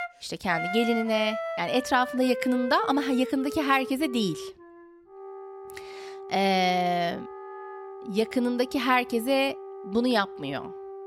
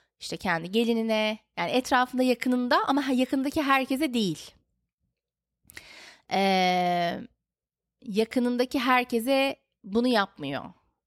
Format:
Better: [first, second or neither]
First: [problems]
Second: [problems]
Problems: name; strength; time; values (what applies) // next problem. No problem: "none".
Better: second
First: background music; noticeable; throughout; 10 dB below the speech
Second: none